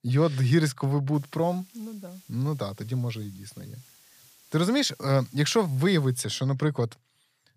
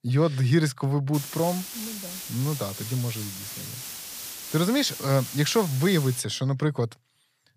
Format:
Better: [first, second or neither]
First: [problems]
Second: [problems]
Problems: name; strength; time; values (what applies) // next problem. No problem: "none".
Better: first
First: hiss; faint; from 1 to 6 s; 25 dB below the speech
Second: hiss; loud; from 1 to 6 s; 9 dB below the speech